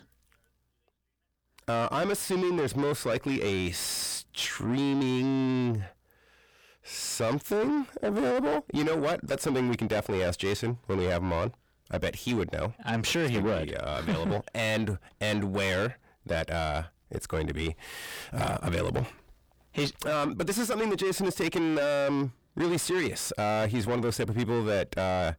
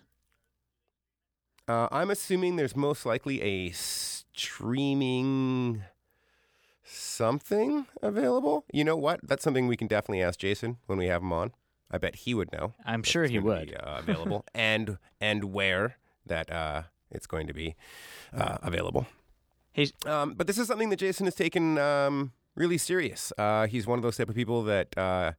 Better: second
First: distortion; heavy; 7 dB below the speech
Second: none

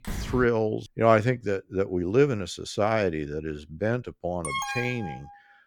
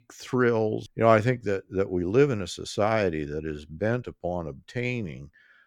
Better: second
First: door banging; noticeable; at the start; peak 9 dB below the speech // alarm; noticeable; at 4.5 s; peak 3 dB below the speech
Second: none

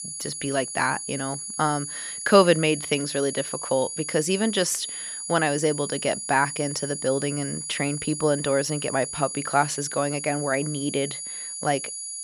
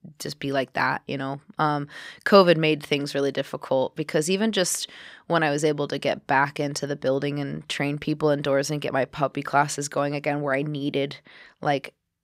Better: second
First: high-pitched whine; loud; throughout; 10 kHz, 6 dB below the speech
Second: none

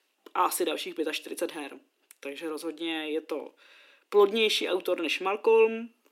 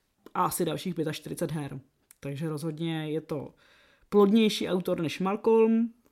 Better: second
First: thin; somewhat; fading below 300 Hz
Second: none

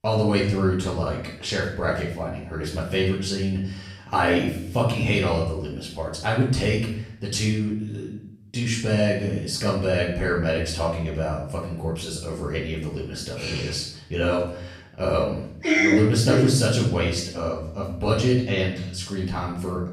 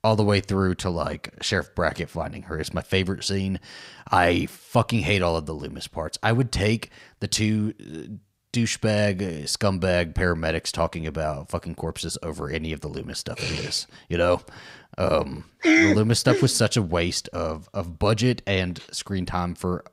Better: second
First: off-mic speech; far // room echo; noticeable; dies away in 0.6 s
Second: none

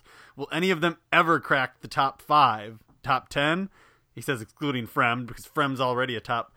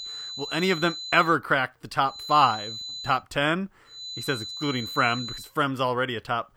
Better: first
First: none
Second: high-pitched whine; loud; until 1.5 s, at 2 s and from 4 to 5.5 s; 4 kHz, 9 dB below the speech

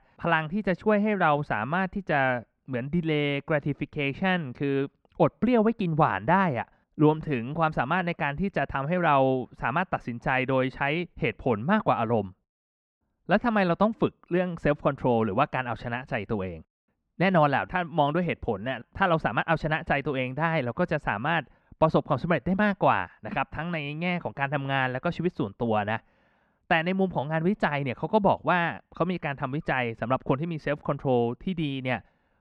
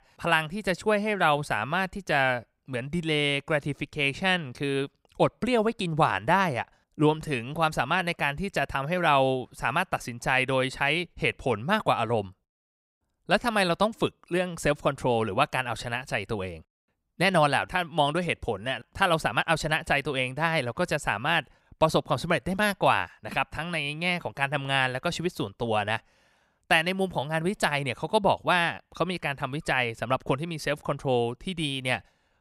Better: second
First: muffled; slightly; fading above 2 kHz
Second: none

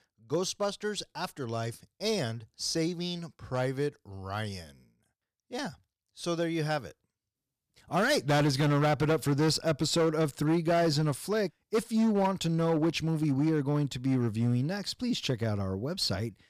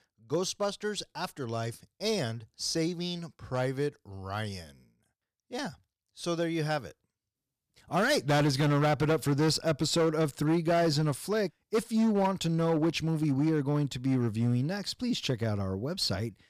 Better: neither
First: distortion; slight; 6% of the sound clipped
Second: distortion; slight; 6% of the sound clipped

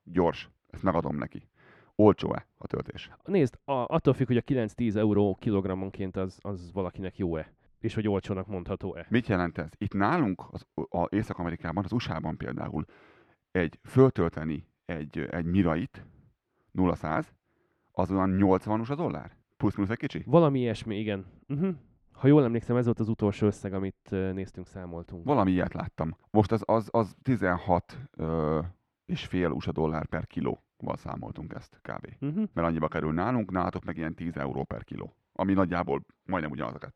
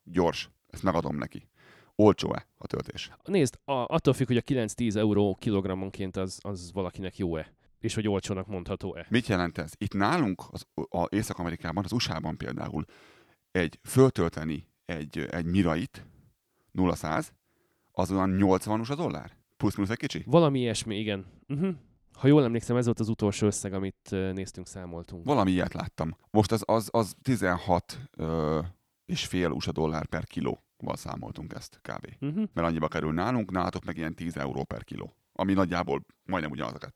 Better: second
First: muffled; slightly; fading above 4 kHz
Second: none

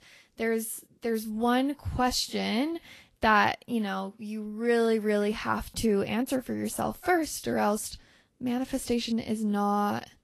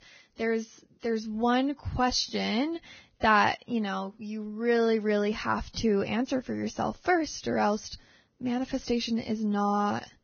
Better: first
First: garbled, watery; slightly; nothing above 12.5 kHz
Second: garbled, watery; badly; nothing above 6.5 kHz

